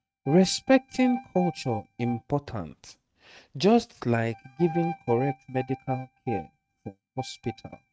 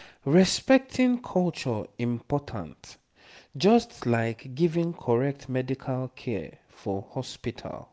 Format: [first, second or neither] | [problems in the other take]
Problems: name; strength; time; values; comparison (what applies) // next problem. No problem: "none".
second | noise reduction (neural mask model RNNoise)